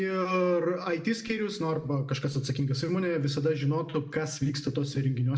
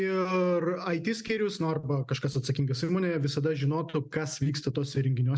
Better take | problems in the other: second | room echo; dies away in 0.5 s

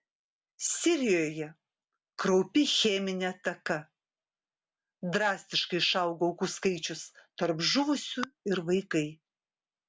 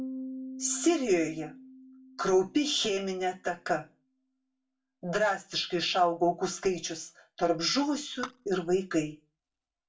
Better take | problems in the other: first | background sound (Piano); 17 dB below the speech // room echo; dies away in 0.2 s

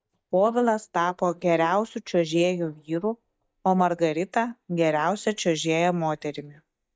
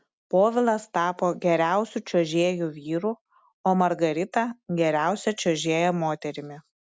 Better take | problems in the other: second | noise reduction (neural mask model DeepFilterNet 3)

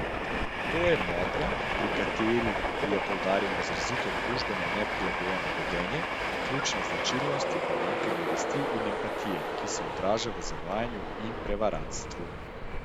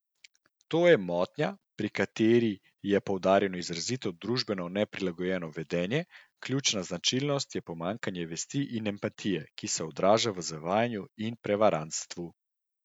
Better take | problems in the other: second | background sound (Train); 3 dB above the speech

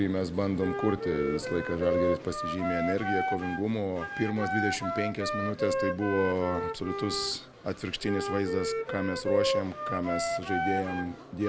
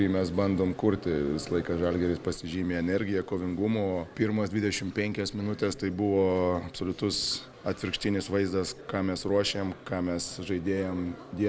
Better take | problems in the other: second | background sound (Wind instrument, woodwind instrument); 2 dB below the speech

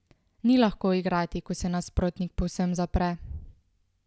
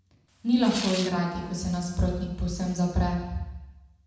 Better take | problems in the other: first | background sound (Tearing); 12 dB below the speech // room echo; dies away in 1 s

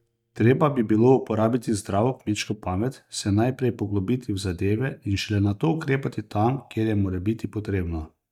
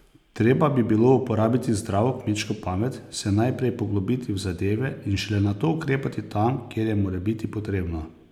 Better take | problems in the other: second | noise reduction (neural mask model DeepFilterNet 3)

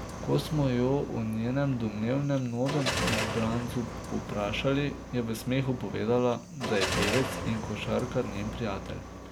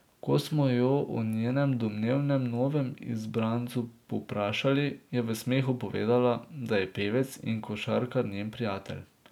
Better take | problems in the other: second | background sound (Car); 6 dB below the speech

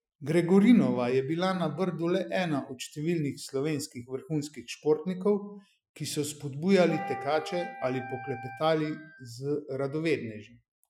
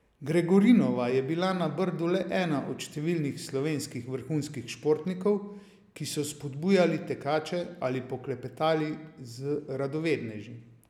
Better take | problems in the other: second | noise reduction (classical method Wiener filter)

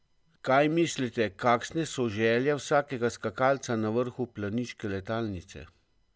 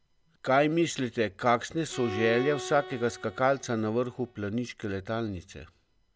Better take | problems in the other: first | background sound (Bowed string instrument); 12 dB below the speech

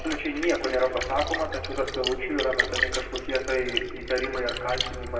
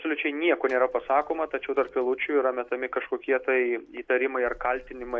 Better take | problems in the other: second | background sound (Splash, splatter); 4 dB below the speech // room echo; dies away in 2.1 s

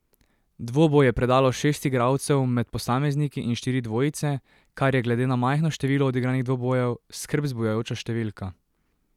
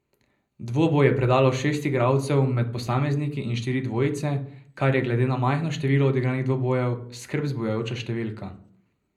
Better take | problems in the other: first | room echo; dies away in 0.5 s

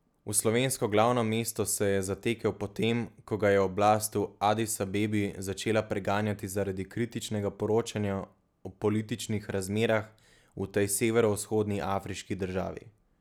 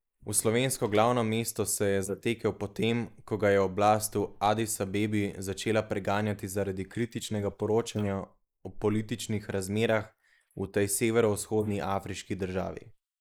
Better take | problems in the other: first | noise reduction (neural mask model Resemble Enhance denoiser)

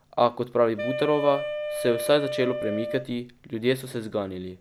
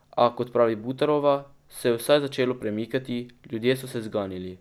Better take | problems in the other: second | background sound (Wind instrument, woodwind instrument); 6 dB below the speech

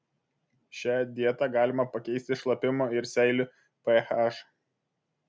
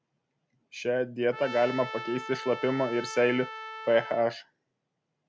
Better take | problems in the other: first | background sound (Trumpet); 11 dB below the speech

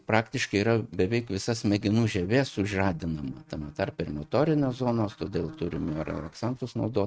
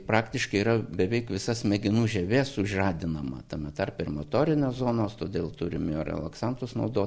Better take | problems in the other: second | noise reduction (neural mask model RNNoise)

